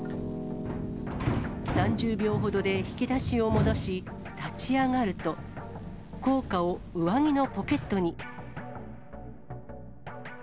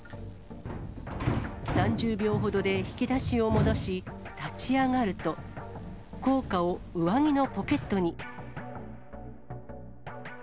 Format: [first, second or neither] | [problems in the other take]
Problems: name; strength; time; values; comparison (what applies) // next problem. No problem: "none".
second | background sound (Piano); 12 dB below the speech